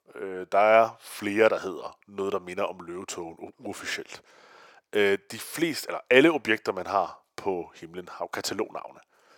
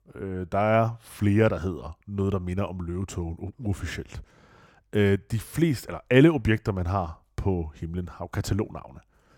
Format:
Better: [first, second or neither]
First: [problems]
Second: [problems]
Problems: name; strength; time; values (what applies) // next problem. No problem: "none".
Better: second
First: thin; very; fading below 500 Hz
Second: none